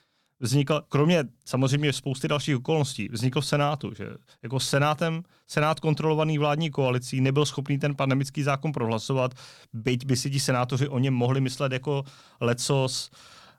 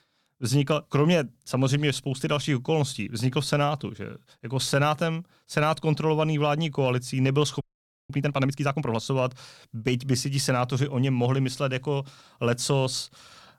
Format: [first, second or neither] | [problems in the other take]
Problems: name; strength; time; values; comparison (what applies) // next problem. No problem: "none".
first | audio freezing; at 7.5 s